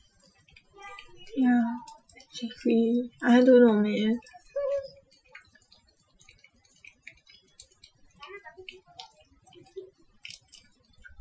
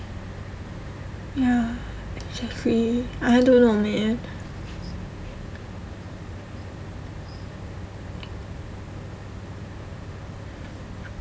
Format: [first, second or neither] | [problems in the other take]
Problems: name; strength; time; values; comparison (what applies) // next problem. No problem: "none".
second | noise reduction (classical method Wiener filter)